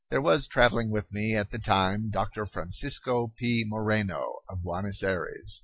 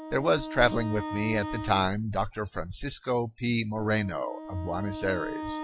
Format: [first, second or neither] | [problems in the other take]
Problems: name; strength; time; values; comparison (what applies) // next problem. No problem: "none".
first | background sound (Wind instrument, woodwind instrument); 10 dB below the speech